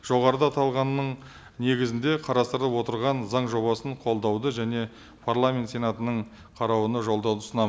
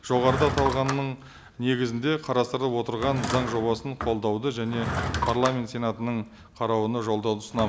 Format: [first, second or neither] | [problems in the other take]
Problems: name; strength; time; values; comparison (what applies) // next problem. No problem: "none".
first | background sound (Drawer open or close / Wood); 8 dB below the speech